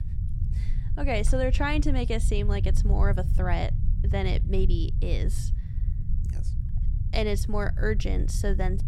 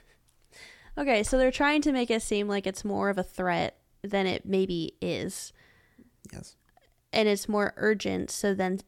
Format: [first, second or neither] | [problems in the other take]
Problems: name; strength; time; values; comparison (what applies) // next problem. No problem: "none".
second | low rumble; noticeable; throughout; 15 dB below the speech